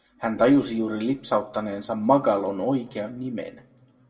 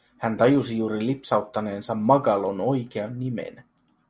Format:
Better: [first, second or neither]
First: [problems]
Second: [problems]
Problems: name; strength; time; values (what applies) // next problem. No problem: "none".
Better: second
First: room echo; dies away in 1 s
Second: none